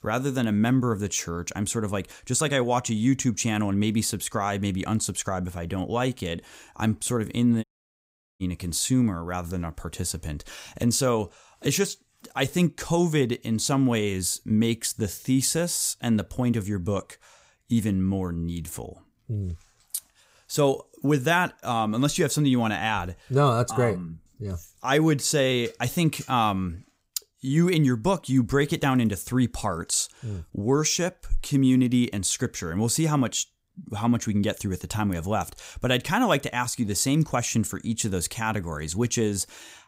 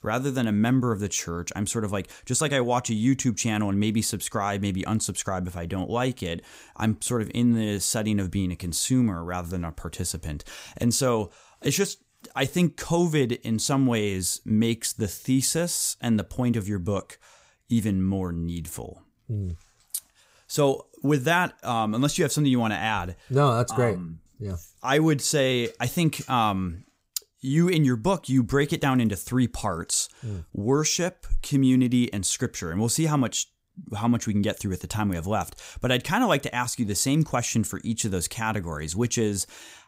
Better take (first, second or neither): second